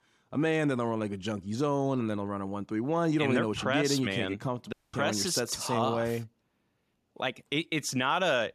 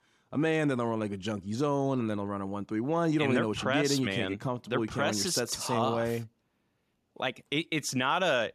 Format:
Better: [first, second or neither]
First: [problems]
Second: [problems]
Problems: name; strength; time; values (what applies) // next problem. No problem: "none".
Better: second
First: audio cutting out; at 4.5 s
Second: none